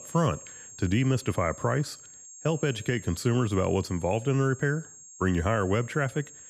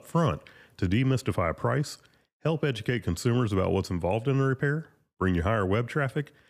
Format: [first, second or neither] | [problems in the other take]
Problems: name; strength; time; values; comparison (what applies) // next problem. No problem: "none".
second | high-pitched whine; noticeable; throughout; 7.5 kHz, 15 dB below the speech